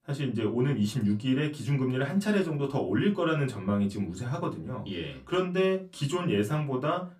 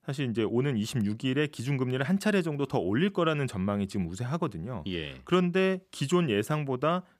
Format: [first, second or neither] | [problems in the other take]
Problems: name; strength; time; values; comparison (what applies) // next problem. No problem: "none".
second | off-mic speech; far // room echo; very slight; dies away in 0.2 s